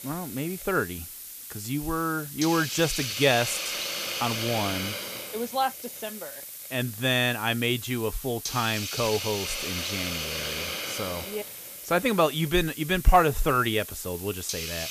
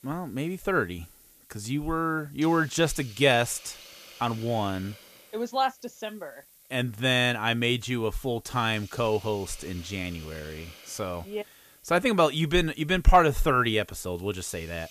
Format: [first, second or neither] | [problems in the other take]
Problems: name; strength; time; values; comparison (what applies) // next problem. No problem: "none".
second | hiss; loud; throughout; 6 dB below the speech; faint in the second